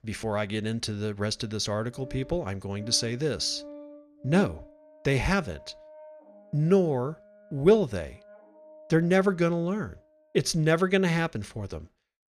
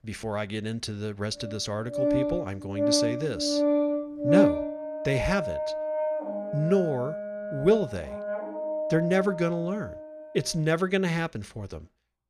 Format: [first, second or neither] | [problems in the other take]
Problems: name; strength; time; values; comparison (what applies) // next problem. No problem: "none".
first | background music; loud; throughout; as loud as the speech; faint in the first